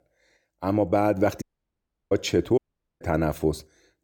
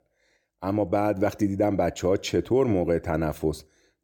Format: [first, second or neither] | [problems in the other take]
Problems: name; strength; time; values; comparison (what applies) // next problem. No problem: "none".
second | audio cutting out; at 1.5 s for 0.5 s and at 2.5 s